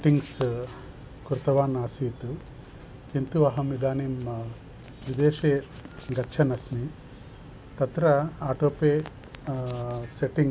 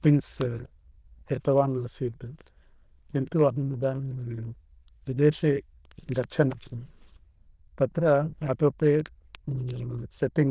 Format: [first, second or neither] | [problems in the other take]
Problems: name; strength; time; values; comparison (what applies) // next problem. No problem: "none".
first | noise reduction (neural diffusion model UNIVERSE++)